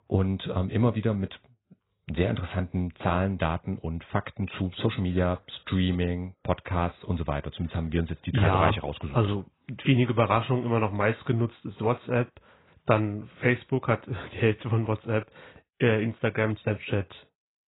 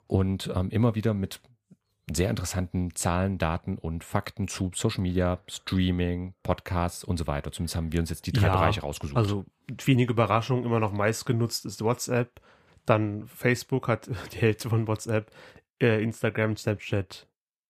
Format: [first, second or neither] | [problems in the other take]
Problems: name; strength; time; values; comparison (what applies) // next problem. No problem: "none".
second | garbled, watery; badly; nothing above 4 kHz